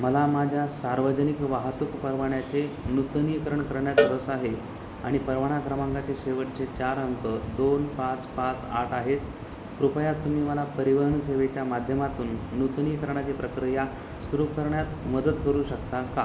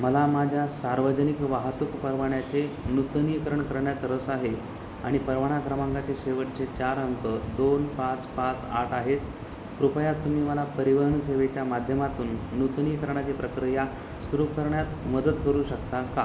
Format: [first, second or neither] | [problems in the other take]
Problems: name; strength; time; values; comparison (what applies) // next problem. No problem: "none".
second | background sound (Cowbell); 4 dB below the speech